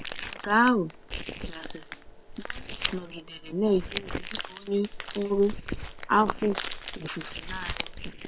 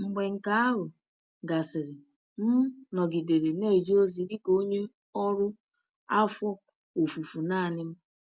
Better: second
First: noise reduction (neural separator model SepFormer WHAM!)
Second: none

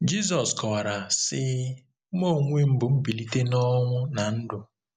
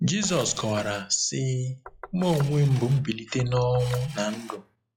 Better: first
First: none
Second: noise reduction (classical method log-MMSE)

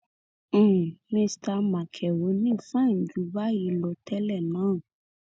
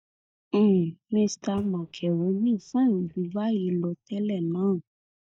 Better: first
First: none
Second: noise reduction (neural mask model DeepFilterNet 3)

